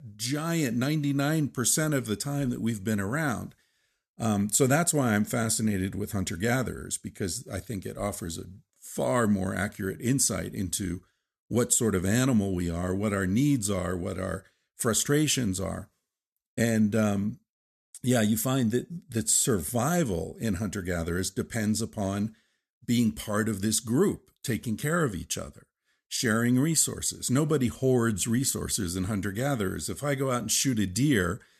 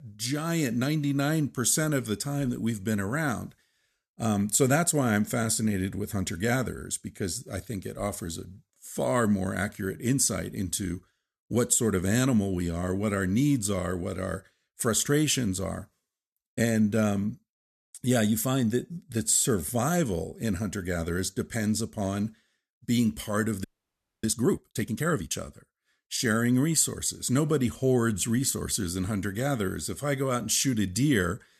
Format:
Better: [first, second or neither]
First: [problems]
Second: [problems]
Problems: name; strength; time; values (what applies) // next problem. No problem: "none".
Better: first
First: none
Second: audio freezing; at 24 s for 0.5 s